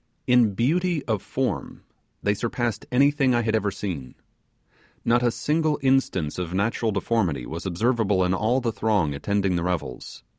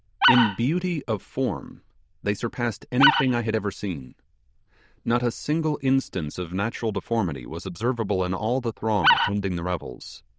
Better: first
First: none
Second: noise reduction (neural diffusion model UNIVERSE++)

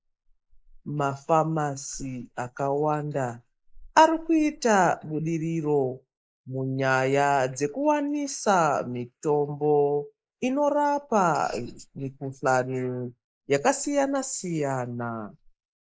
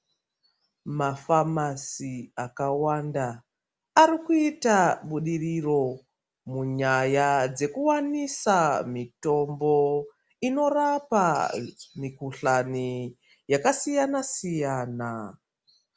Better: second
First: noise reduction (neural mask model Resemble Enhance denoiser)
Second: none

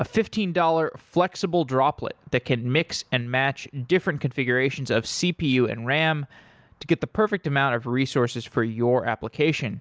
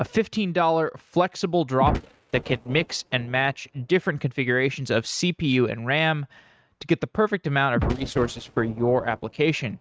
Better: first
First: none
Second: noise reduction (neural mask model RNNoise)

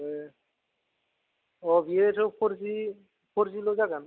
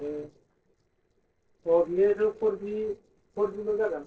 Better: first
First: none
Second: noise reduction (neural separator model SepFormer DNS4)

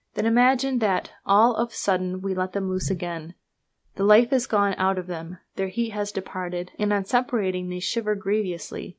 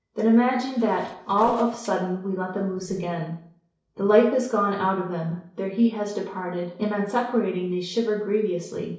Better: first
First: none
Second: noise reduction (neural separator model SepFormer DNS4)

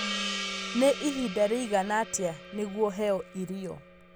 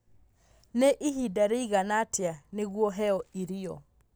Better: second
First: background sound (Gong); 8 dB below the speech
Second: none

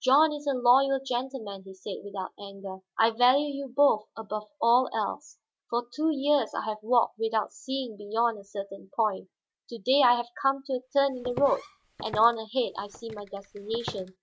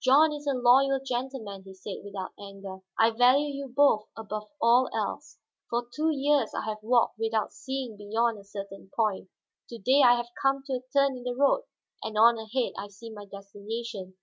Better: second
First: background sound (Walk, footsteps); 16 dB below the speech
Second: none

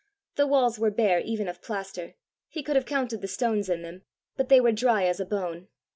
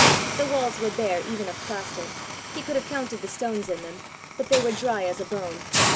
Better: first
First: none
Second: background sound (Hiss); as loud as the speech

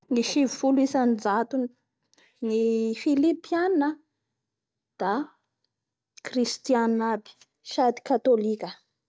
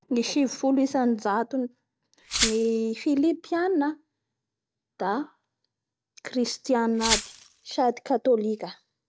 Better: first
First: none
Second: background sound (Glass); 4 dB below the speech

